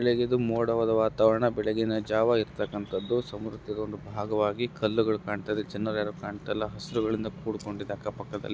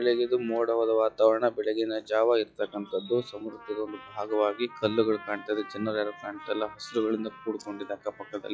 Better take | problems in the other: first | noise reduction (classical method log-MMSE)

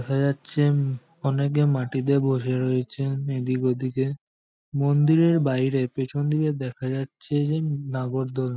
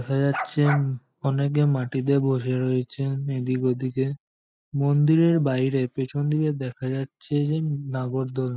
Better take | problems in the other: first | noise reduction (neural mask model Resemble Enhance denoiser)

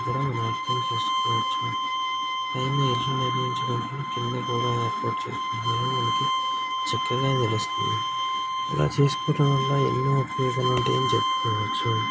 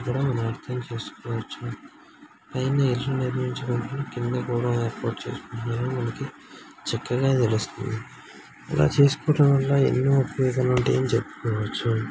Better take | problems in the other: second | background sound (Bowed string instrument); as loud as the speech

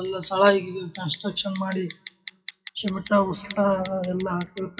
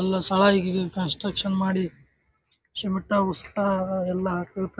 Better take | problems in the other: second | noise reduction (classical method WPE with log-MMSE)

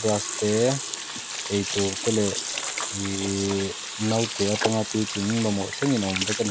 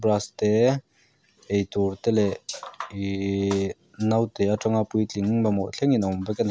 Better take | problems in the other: second | background sound (Sink (filling or washing) / Water tap, faucet); 4 dB below the speech

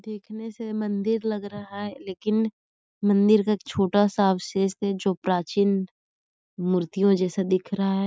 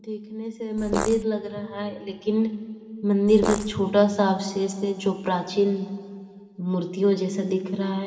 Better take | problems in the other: first | background sound (Fart); 4 dB below the speech // room echo; dies away in 2.1 s

